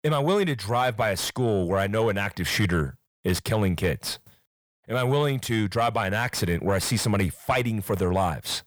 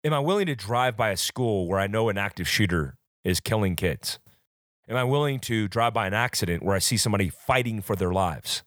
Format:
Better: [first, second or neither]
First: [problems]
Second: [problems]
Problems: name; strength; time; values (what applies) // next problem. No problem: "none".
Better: second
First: distortion; slight; 10 dB below the speech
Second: none